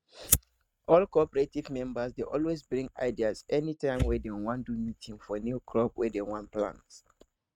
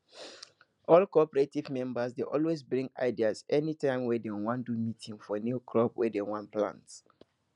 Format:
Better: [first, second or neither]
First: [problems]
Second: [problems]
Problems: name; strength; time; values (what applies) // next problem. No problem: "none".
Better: second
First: noise reduction (neural mask model RNNoise)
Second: none